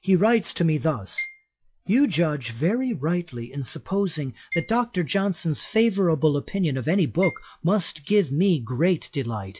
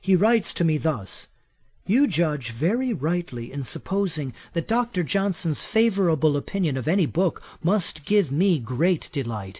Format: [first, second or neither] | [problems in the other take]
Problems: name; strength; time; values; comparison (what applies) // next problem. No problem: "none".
second | noise reduction (classical method log-MMSE)